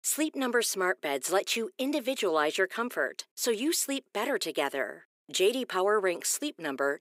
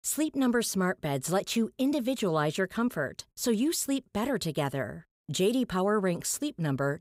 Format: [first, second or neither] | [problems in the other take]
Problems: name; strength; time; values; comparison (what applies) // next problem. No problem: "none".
second | thin; somewhat; fading below 350 Hz